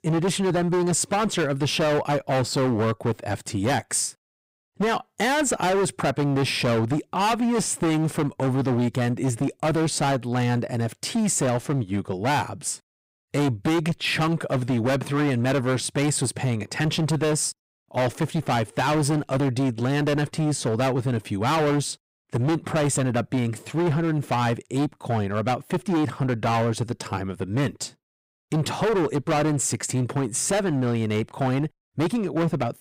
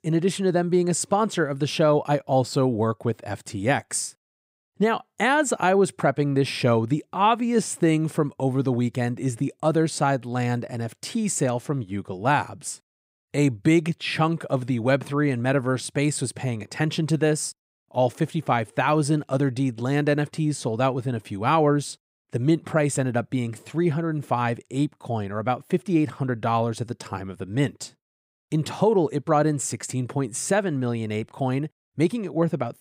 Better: second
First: distortion; heavy; 22% of the sound clipped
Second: none

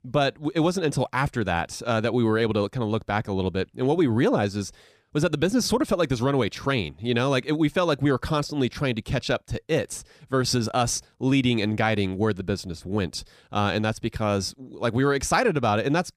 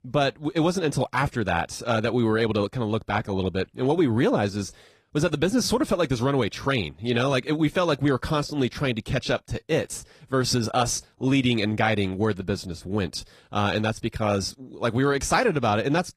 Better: first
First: none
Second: garbled, watery; slightly; nothing above 14.5 kHz

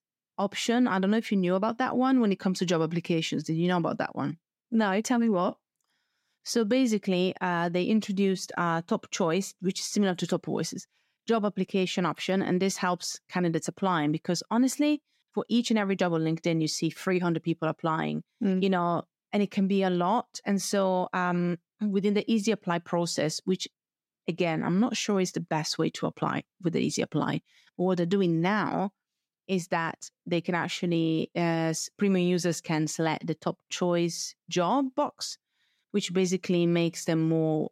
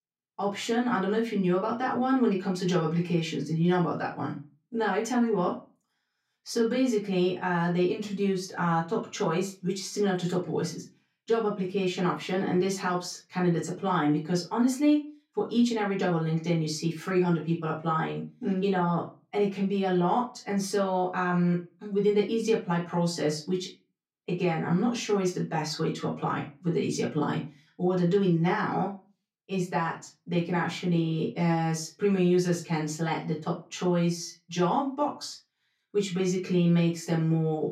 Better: first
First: none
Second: off-mic speech; far // room echo; very slight; dies away in 0.2 s

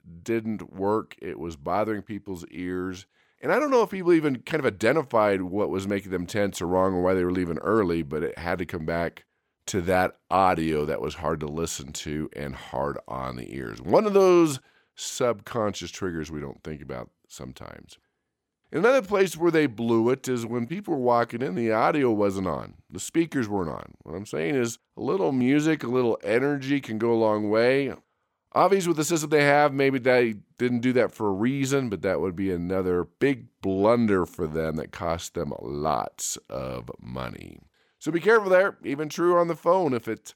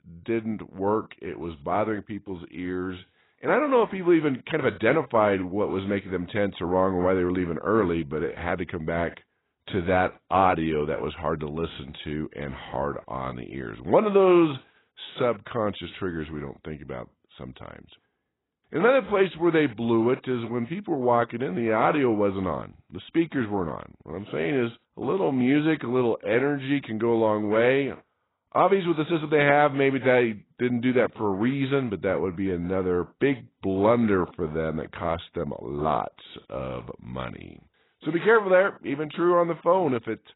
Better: first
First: none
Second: garbled, watery; badly; nothing above 4 kHz

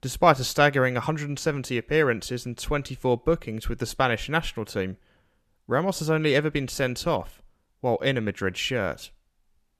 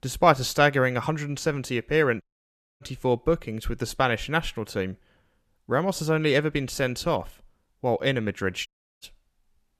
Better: first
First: none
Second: audio cutting out; at 2 s for 0.5 s and at 8.5 s

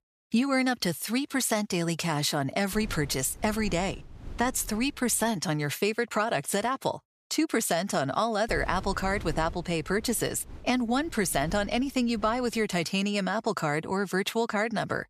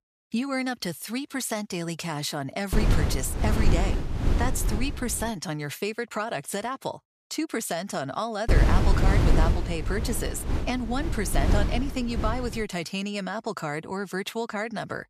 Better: first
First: wind noise on the microphone; occasional gusts; from 2.5 to 5.5 s and from 8.5 to 13 s; 25 dB below the speech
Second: wind noise on the microphone; heavy; from 2.5 to 5.5 s and from 8.5 to 13 s; 4 dB below the speech

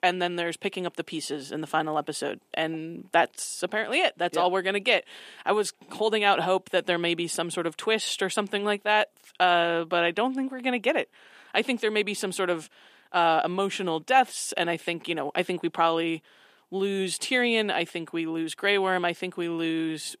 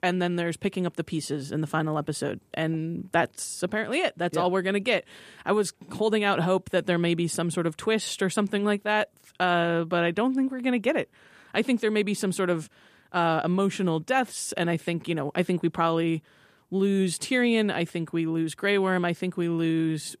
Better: second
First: thin; somewhat; fading below 300 Hz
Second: none

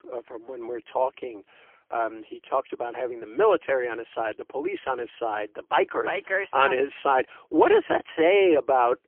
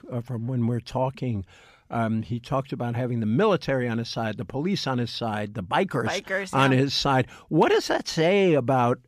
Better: second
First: phone-call audio; poor line; nothing above 3 kHz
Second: none

